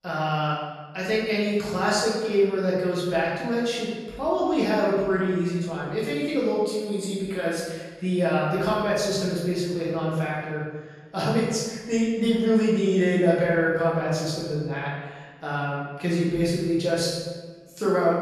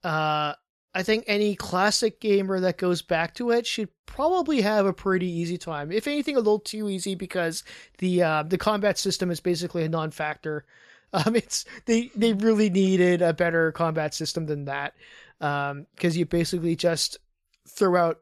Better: second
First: off-mic speech; far // room echo; strong; dies away in 1.2 s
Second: none

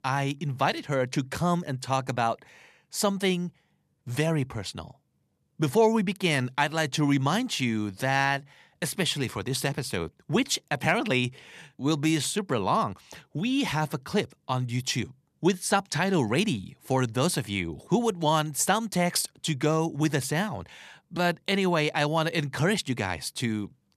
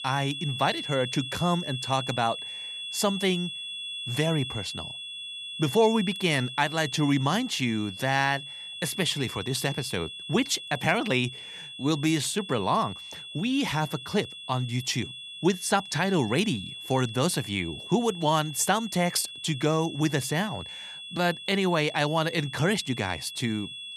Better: first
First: none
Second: high-pitched whine; loud; throughout; 3.5 kHz, 9 dB below the speech

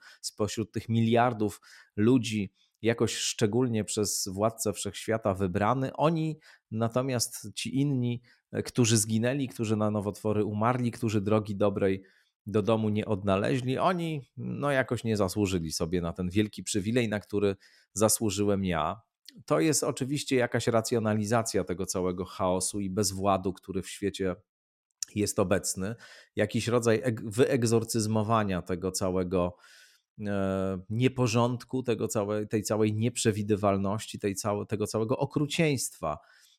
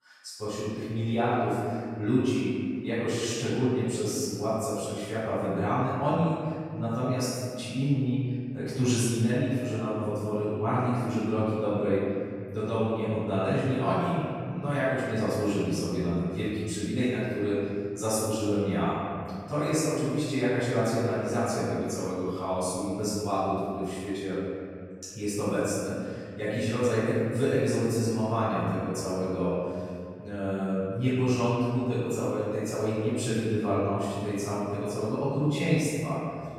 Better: first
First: none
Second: room echo; strong; dies away in 2.2 s // off-mic speech; far

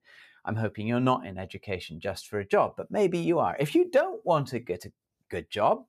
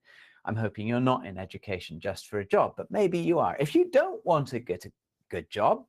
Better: first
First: none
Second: garbled, watery; slightly; nothing above 14.5 kHz

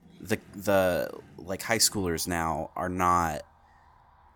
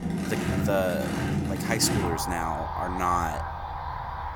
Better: first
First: traffic noise; faint; throughout; 30 dB below the speech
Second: traffic noise; loud; throughout; 1 dB below the speech

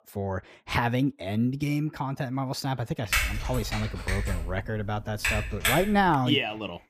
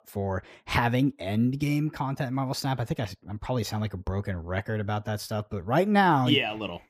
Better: second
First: keyboard typing; loud; from 3 to 6 s; peak 3 dB above the speech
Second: none

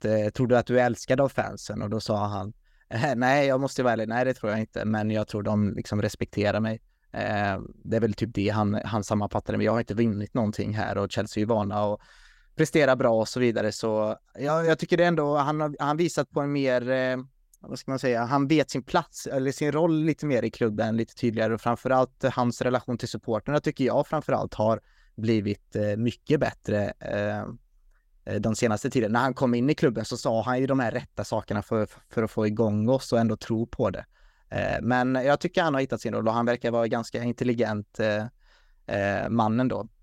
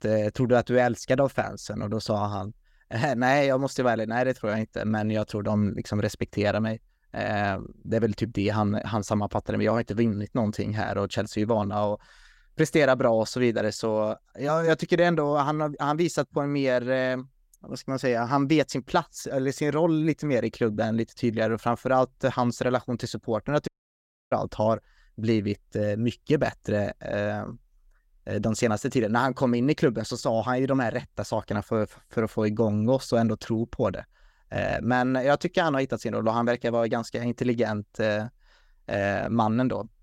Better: first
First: none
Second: audio cutting out; at 24 s for 0.5 s

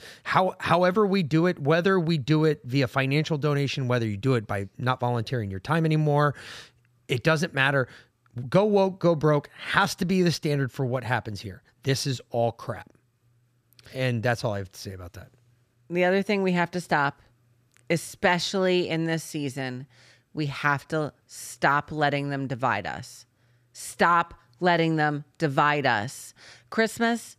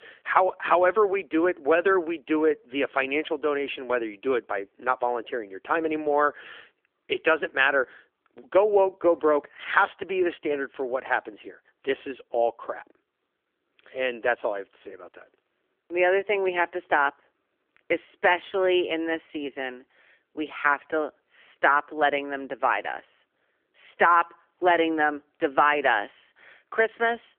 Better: first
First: none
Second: phone-call audio; nothing above 3 kHz

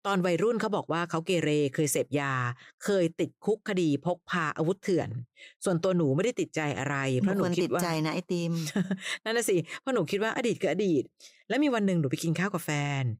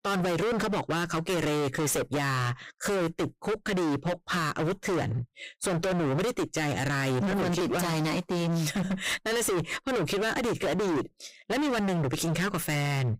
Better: first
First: none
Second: distortion; heavy; 41% of the sound clipped

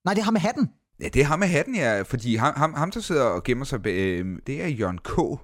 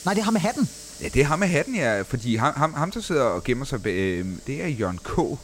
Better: first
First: none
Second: hiss; noticeable; throughout; 15 dB below the speech

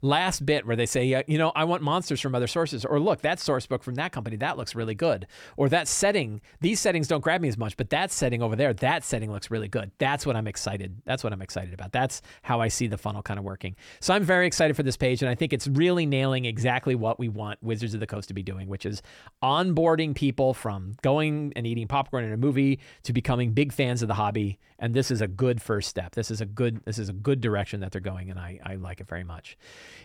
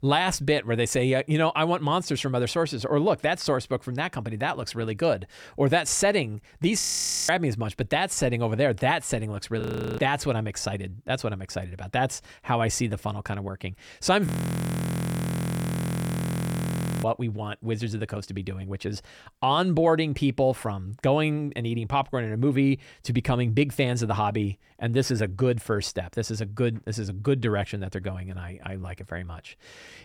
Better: first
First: none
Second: audio freezing; at 7 s, at 9.5 s and at 14 s for 3 s

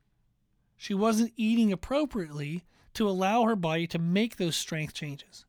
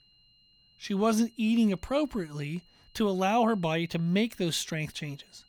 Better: first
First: none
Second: high-pitched whine; faint; throughout; 4 kHz, 30 dB below the speech

